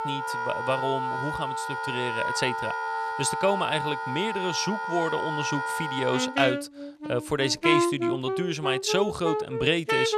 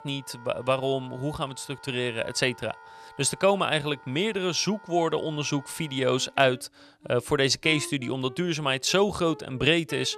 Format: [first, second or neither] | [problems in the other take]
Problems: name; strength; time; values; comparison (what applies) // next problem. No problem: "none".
second | background music; loud; throughout; 1 dB below the speech; faint in the second